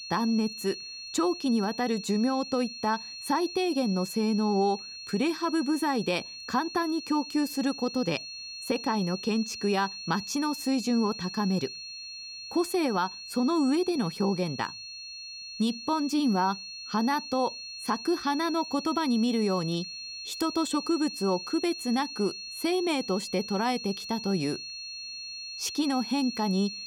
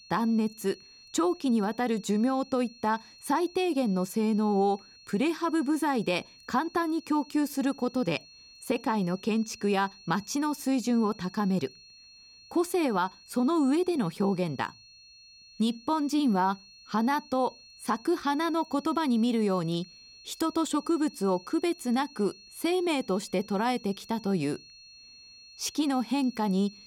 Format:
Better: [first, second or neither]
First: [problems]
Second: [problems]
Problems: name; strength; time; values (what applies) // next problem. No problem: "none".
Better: second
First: high-pitched whine; loud; throughout; 4.5 kHz, 9 dB below the speech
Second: high-pitched whine; faint; throughout; 4.5 kHz, 20 dB below the speech